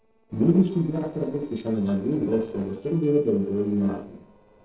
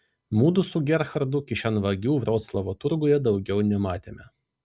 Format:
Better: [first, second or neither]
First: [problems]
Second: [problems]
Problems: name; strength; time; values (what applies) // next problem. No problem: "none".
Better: second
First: noise reduction (neural separator model SepFormer DNS4)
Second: none